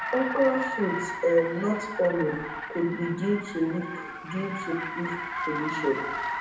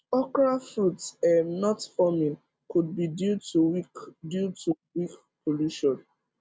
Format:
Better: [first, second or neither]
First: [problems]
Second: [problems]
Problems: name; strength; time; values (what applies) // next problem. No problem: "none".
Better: second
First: background sound (Car); 6 dB below the speech // room echo; dies away in 0.7 s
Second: none